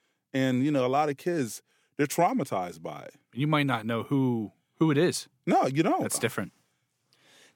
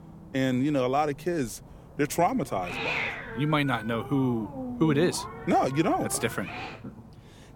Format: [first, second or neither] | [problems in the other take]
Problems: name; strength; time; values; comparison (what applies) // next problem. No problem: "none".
first | hiss; loud; throughout; 9 dB below the speech